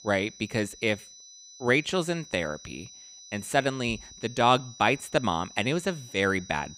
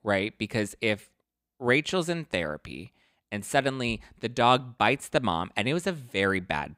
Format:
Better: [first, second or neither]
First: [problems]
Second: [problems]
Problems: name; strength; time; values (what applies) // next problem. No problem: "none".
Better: second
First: high-pitched whine; noticeable; throughout; 6 kHz, 20 dB below the speech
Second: none